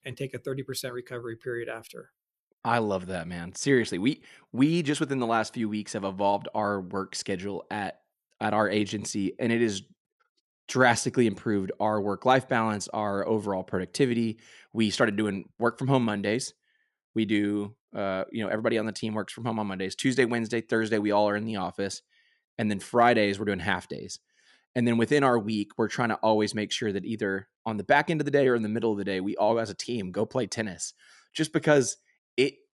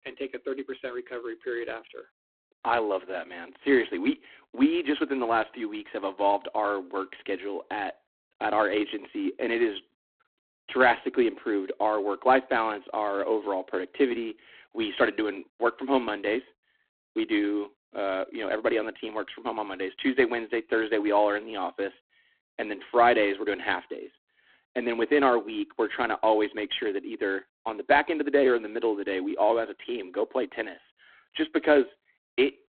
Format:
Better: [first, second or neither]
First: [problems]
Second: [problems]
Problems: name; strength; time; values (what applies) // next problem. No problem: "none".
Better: first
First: none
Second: phone-call audio; poor line